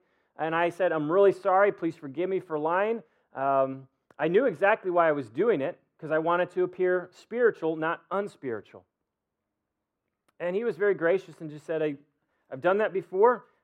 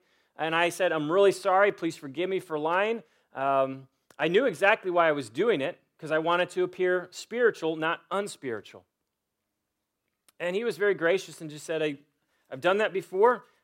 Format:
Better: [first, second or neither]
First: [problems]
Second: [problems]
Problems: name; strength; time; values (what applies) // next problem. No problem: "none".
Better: second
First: muffled; very; fading above 2.5 kHz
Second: none